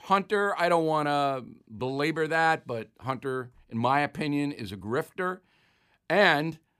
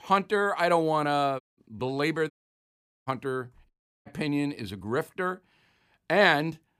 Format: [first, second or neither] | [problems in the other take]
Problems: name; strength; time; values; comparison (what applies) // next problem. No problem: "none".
first | audio cutting out; at 1.5 s, at 2.5 s for 1 s and at 3.5 s